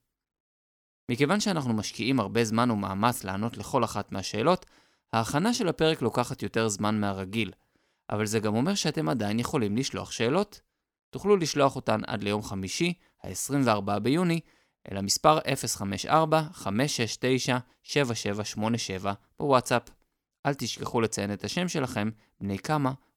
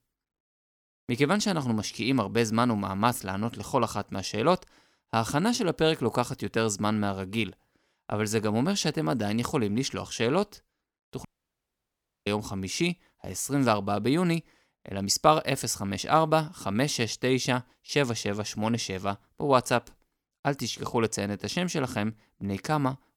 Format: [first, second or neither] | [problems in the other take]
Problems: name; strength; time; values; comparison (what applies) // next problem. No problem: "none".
first | audio cutting out; at 11 s for 1 s